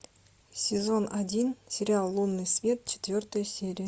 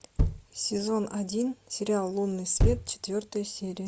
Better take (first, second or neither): first